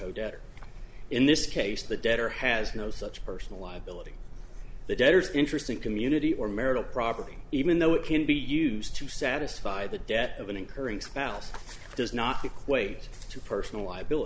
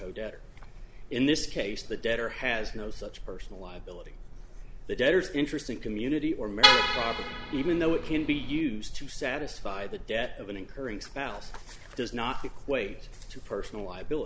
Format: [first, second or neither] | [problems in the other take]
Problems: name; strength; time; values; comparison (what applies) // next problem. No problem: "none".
first | background sound (Vehicle horn, car horn, honking); 4 dB above the speech